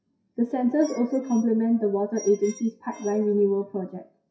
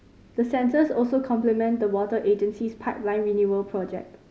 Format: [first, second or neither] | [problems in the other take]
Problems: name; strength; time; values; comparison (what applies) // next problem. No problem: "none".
second | noise reduction (classical method WPE with log-MMSE)